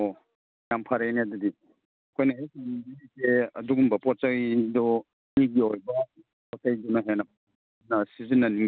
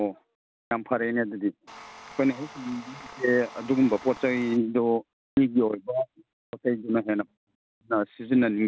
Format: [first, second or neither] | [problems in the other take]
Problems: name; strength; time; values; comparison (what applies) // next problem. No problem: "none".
first | background sound (Tools); 17 dB below the speech